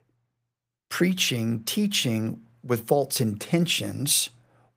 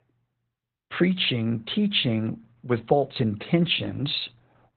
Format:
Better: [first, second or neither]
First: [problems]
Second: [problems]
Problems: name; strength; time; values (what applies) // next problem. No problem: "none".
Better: first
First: garbled, watery; slightly; nothing above 15.5 kHz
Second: garbled, watery; badly; nothing above 4 kHz